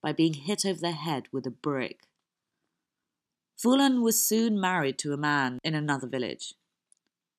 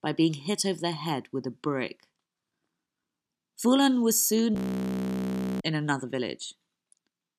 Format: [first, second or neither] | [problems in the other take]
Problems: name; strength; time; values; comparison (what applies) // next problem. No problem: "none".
first | audio freezing; at 4.5 s for 1 s